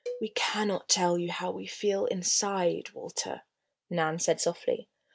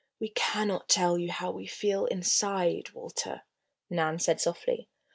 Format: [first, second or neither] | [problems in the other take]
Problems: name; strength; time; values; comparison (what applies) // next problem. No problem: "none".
second | background sound (Cowbell); 15 dB below the speech